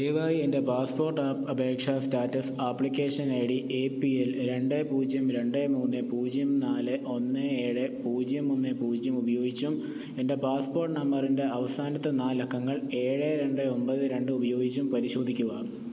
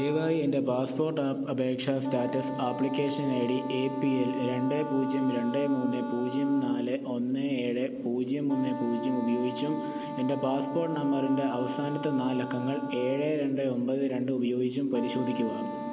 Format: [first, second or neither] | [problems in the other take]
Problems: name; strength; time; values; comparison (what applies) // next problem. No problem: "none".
first | background sound (Wind instrument, woodwind instrument); 11 dB below the speech